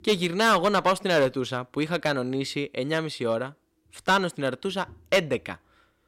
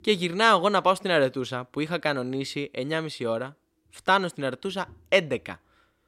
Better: second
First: distortion; slight; 3% of the sound clipped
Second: none

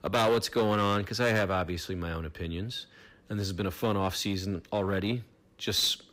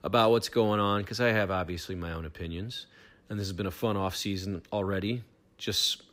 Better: second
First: distortion; slight; 5% of the sound clipped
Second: none

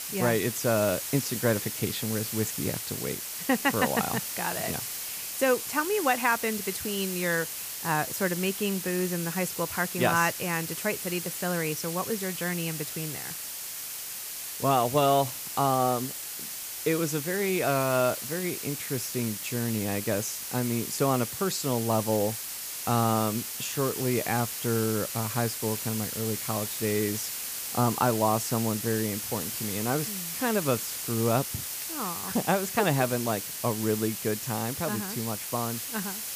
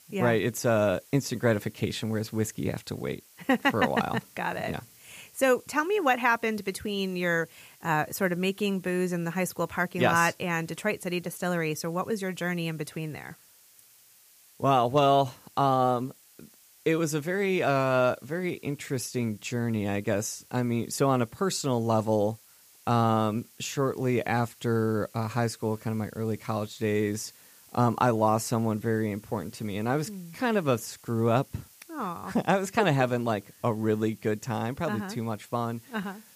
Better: second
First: hiss; loud; throughout; 4 dB below the speech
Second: hiss; faint; throughout; 25 dB below the speech

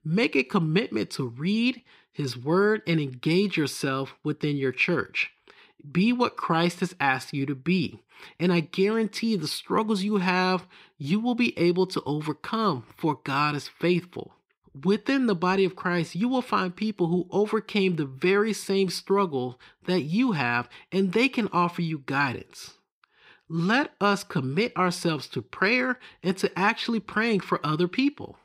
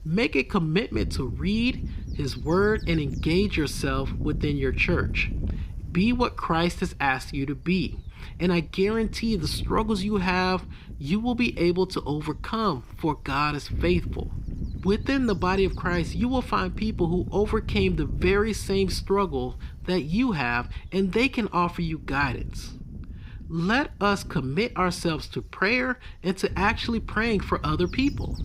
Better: first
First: none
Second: wind noise on the microphone; occasional gusts; 20 dB below the speech

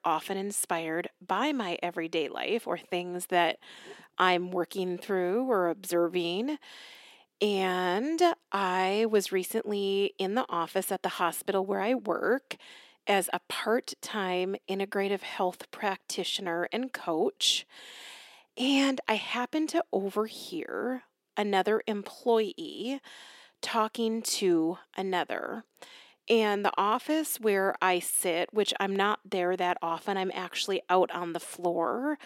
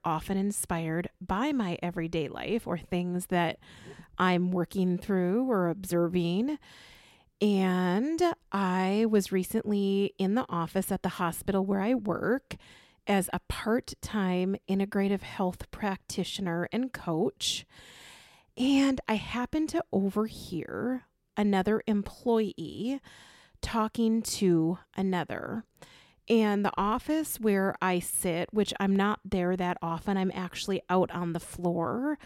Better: second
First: thin; somewhat; fading below 300 Hz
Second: none

